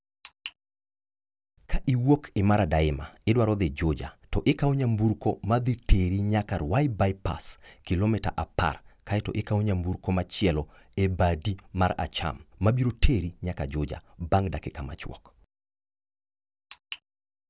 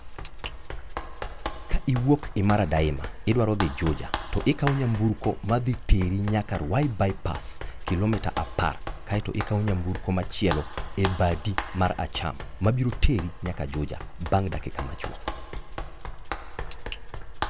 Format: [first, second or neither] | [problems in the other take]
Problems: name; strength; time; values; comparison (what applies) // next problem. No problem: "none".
first | background sound (Run); 7 dB below the speech